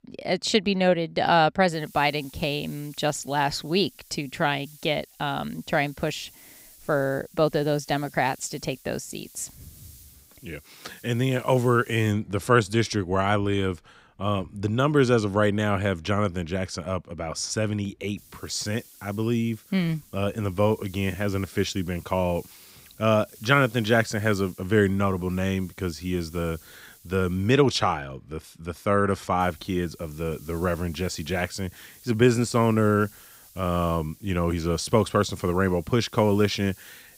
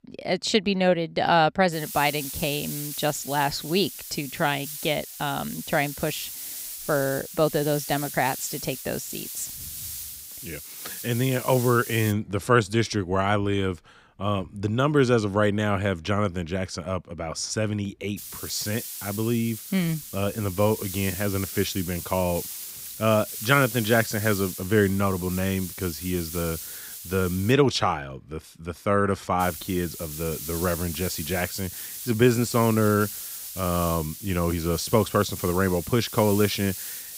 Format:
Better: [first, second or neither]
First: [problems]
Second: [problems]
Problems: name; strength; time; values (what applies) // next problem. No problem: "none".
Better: first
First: hiss; faint; from 1.5 to 12 s, from 18 to 28 s and from 29 s on; 25 dB below the speech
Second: hiss; loud; from 1.5 to 12 s, from 18 to 28 s and from 29 s on; 9 dB below the speech